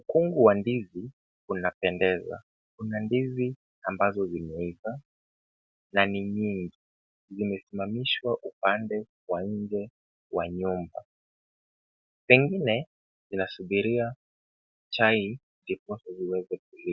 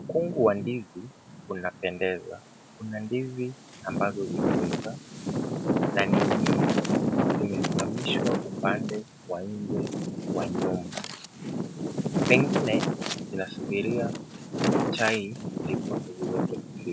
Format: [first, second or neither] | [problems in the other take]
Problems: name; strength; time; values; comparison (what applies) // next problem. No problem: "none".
first | background sound (Wind); 3 dB above the speech